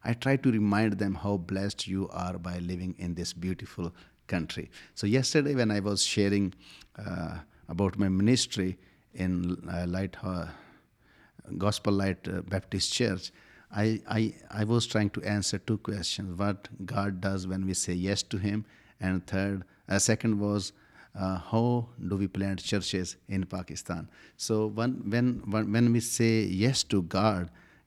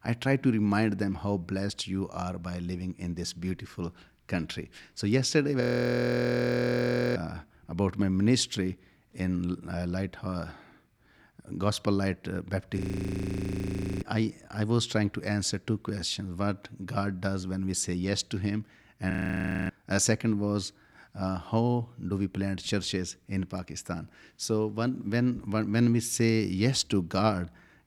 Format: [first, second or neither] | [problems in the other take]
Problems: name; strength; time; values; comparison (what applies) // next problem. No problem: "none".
first | audio freezing; at 5.5 s for 1.5 s, at 13 s for 1 s and at 19 s for 0.5 s